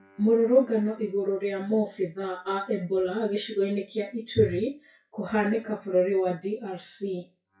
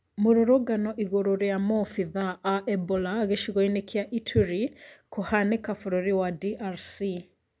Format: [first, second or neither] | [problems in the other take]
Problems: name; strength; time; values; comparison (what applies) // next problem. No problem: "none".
second | noise reduction (classical method WPE with log-MMSE)